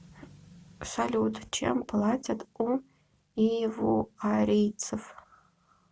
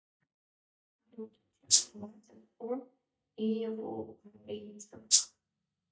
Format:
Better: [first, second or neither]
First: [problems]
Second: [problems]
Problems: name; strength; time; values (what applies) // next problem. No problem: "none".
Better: first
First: none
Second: noise reduction (neural mask model DeepFilterNet 3)